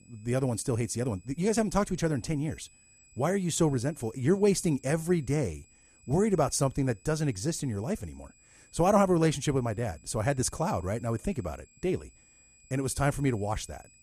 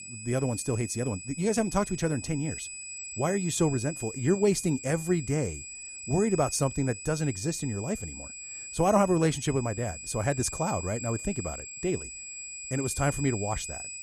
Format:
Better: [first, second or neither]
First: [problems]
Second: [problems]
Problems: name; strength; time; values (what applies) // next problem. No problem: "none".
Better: first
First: high-pitched whine; faint; throughout; 7.5 kHz, 30 dB below the speech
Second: high-pitched whine; loud; throughout; 7.5 kHz, 9 dB below the speech